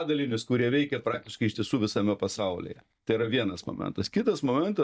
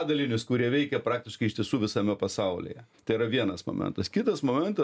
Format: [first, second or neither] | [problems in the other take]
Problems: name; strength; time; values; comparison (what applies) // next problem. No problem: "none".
second | noise reduction (neural mask model DeepFilterNet 3)